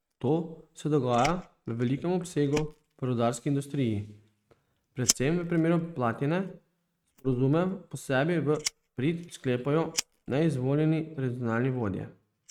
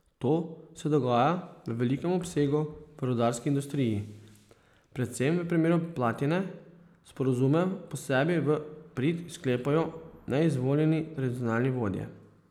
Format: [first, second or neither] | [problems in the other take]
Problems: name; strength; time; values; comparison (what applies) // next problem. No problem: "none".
second | noise reduction (neural mask model RNNoise)